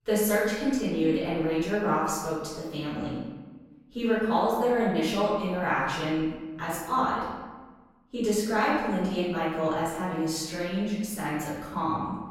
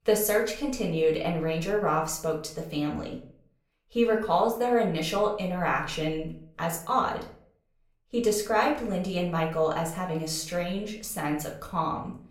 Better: second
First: room echo; strong; dies away in 1.2 s // off-mic speech; far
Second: room echo; slight; dies away in 0.4 s // off-mic speech; far

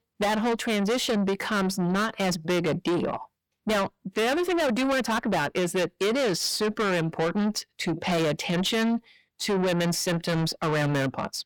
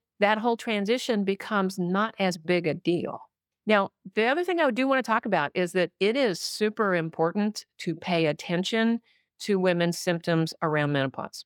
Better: second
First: distortion; heavy; 6 dB below the speech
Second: none

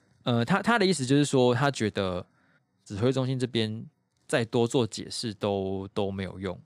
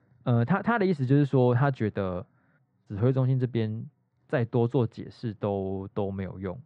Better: first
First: none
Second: muffled; very; fading above 1.5 kHz

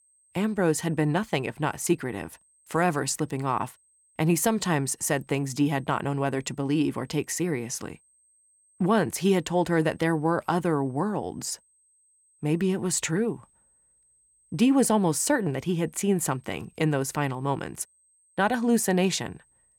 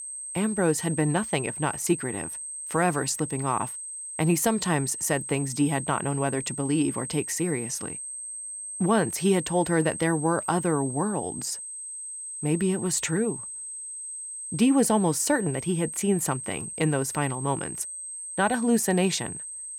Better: first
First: high-pitched whine; faint; throughout; 8.5 kHz, 35 dB below the speech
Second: high-pitched whine; loud; throughout; 8.5 kHz, 8 dB below the speech

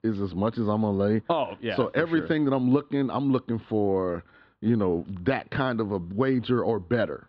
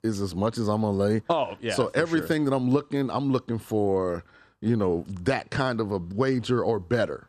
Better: second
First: muffled; slightly; fading above 3.5 kHz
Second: none

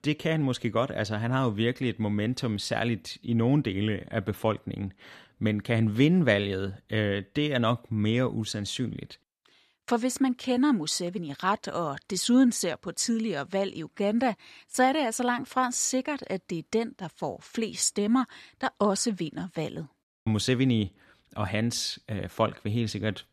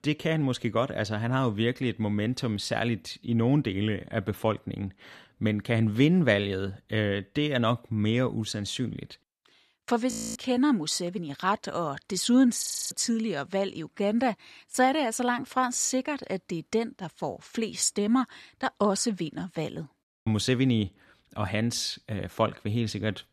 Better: first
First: none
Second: audio freezing; at 10 s and at 13 s

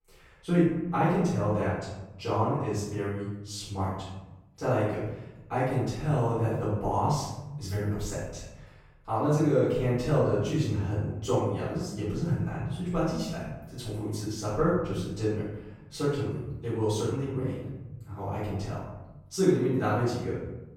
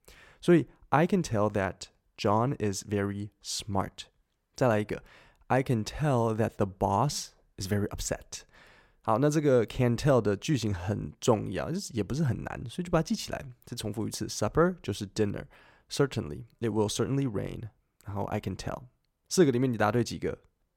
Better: second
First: off-mic speech; far // room echo; strong; dies away in 1 s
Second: none

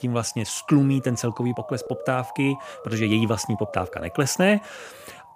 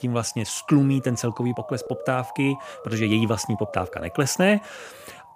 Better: neither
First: siren; faint; peak 10 dB below the speech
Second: siren; faint; peak 10 dB below the speech

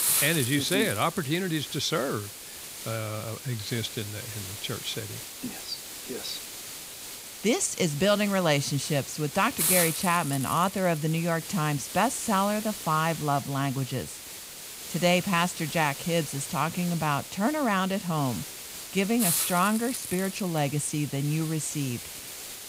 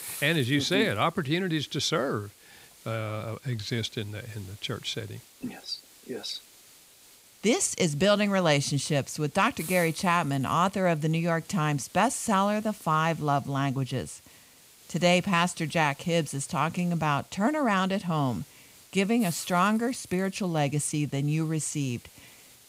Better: second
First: hiss; loud; throughout; 6 dB below the speech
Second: hiss; faint; throughout; 20 dB below the speech

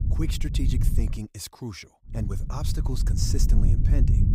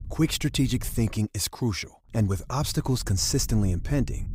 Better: second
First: low rumble; loud; until 1 s and from 2 s on; 4 dB below the speech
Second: low rumble; faint; until 1 s and from 2 s on; 25 dB below the speech

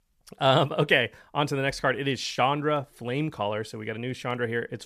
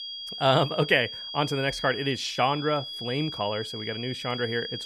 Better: first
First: none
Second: high-pitched whine; loud; throughout; 3.5 kHz, 8 dB below the speech

